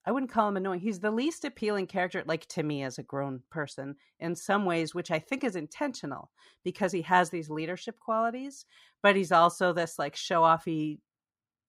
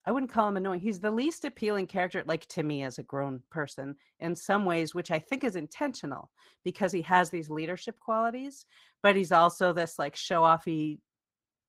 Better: first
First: none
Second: garbled, watery; slightly; nothing above 15.5 kHz

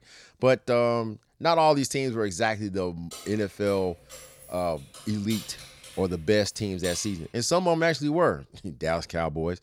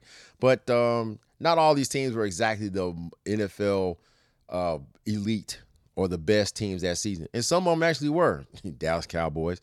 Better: second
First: jangling keys; faint; from 3 to 7 s; peak 10 dB below the speech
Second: none

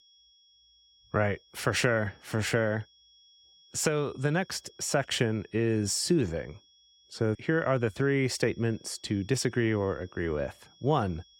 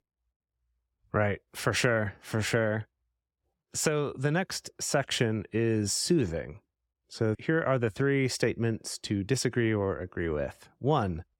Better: second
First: high-pitched whine; faint; throughout; 3.5 kHz, 30 dB below the speech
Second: none

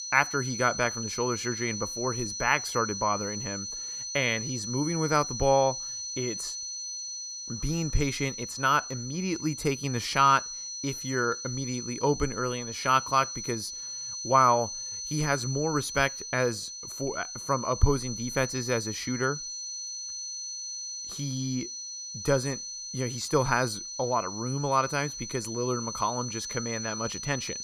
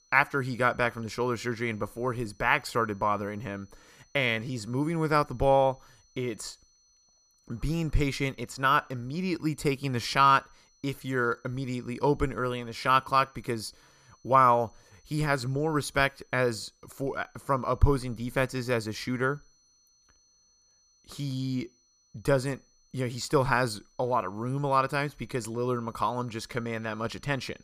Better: second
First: high-pitched whine; loud; throughout; 6 kHz, 6 dB below the speech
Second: high-pitched whine; faint; throughout; 6 kHz, 35 dB below the speech

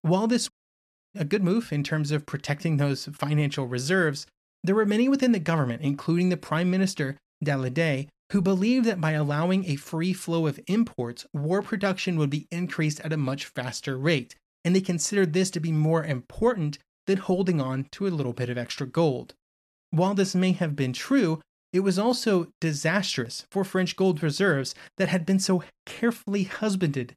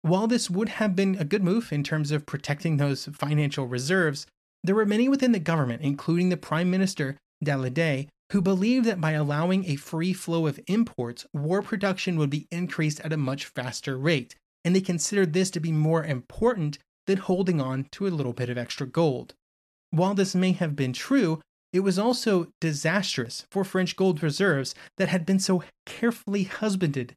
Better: second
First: audio cutting out; at 0.5 s for 0.5 s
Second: none

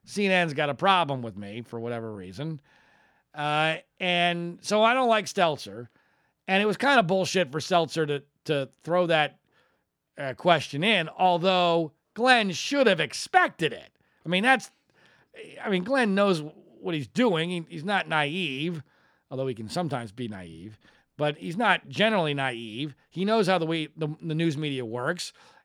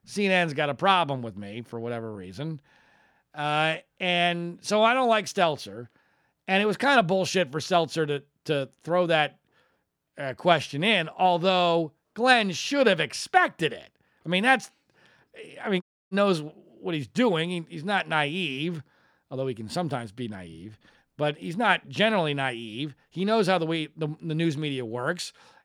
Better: first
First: none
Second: audio cutting out; at 16 s

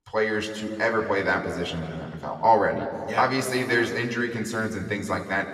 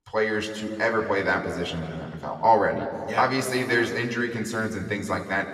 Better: neither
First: room echo; slight; dies away in 2.2 s // off-mic speech; somewhat distant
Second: room echo; slight; dies away in 2.2 s // off-mic speech; somewhat distant

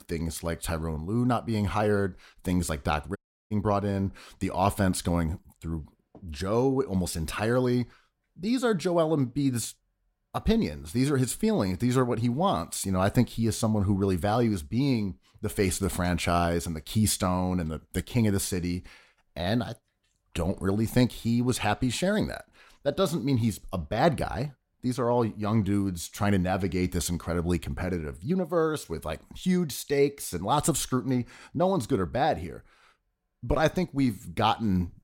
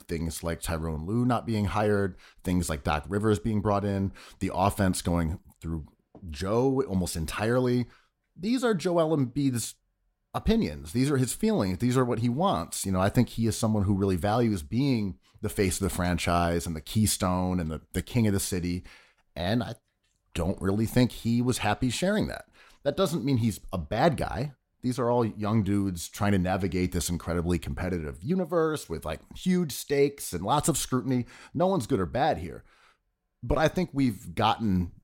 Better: second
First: audio cutting out; at 3 s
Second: none

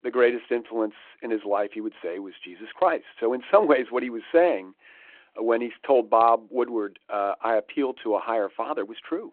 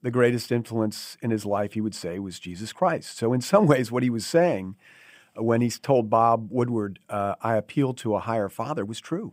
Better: second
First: phone-call audio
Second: none

